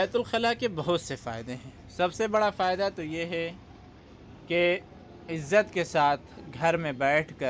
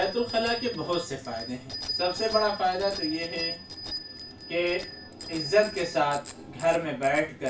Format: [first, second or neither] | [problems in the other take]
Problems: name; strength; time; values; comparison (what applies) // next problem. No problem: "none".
first | background sound (Bicycle bell); 10 dB below the speech // room echo; dies away in 0.3 s